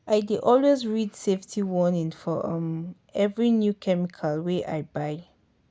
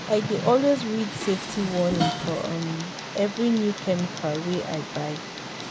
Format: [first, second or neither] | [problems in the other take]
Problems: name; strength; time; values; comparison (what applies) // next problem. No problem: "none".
first | background sound (Dishes, pots, and pans + Tick); 7 dB below the speech